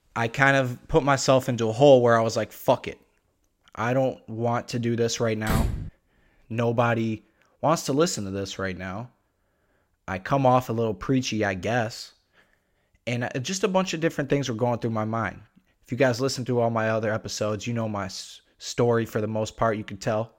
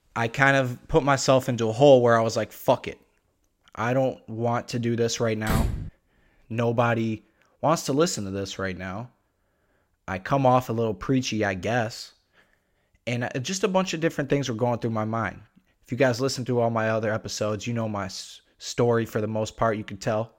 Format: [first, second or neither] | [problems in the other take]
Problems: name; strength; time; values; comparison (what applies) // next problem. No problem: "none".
neither | door banging; noticeable; at 5.5 s; peak 2 dB below the speech; the same in both